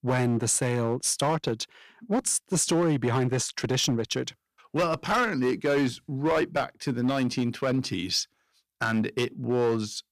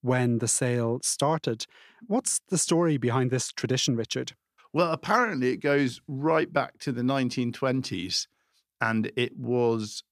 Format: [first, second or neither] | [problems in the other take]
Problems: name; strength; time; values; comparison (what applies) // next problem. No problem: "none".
second | distortion; slight; 7% of the sound clipped